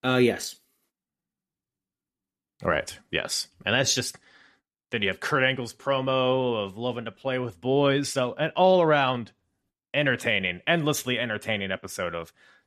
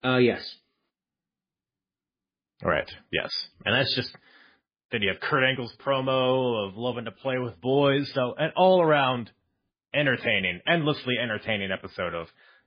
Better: first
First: none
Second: garbled, watery; badly; nothing above 5 kHz

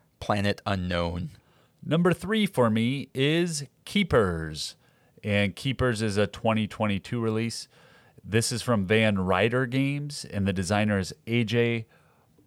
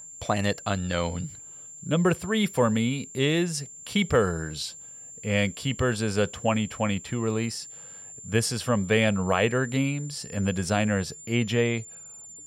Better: first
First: none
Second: high-pitched whine; noticeable; throughout; 7.5 kHz, 15 dB below the speech

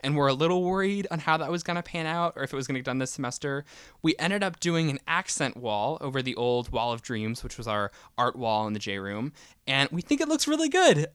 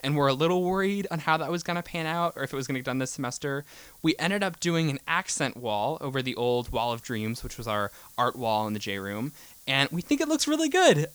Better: first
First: none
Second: hiss; faint; throughout; 20 dB below the speech

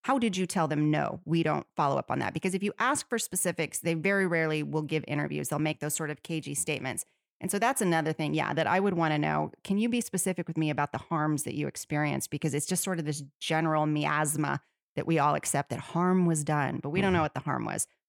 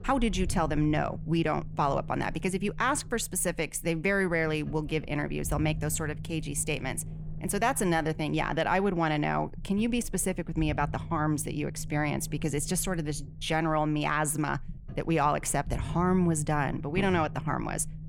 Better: first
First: none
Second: low rumble; faint; throughout; 20 dB below the speech

